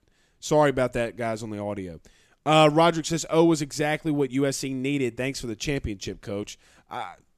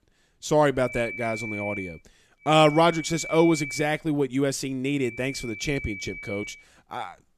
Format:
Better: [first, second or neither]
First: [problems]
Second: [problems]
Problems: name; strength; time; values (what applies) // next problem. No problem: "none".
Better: first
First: none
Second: high-pitched whine; noticeable; from 1 to 2 s, from 2.5 to 4 s and from 5 to 6.5 s; 2.5 kHz, 10 dB below the speech